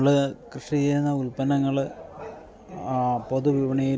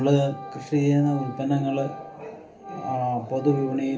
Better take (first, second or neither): first